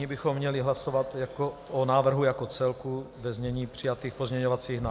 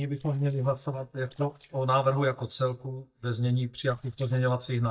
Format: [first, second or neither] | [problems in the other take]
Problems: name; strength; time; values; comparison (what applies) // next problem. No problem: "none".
first | noise reduction (neural mask model DeepFilterNet 3)